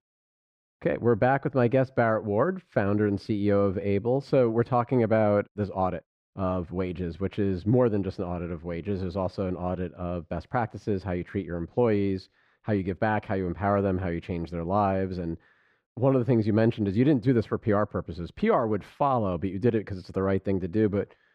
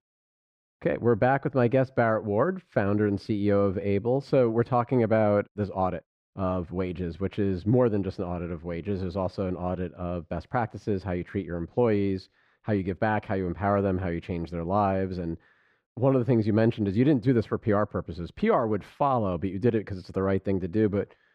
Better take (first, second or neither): neither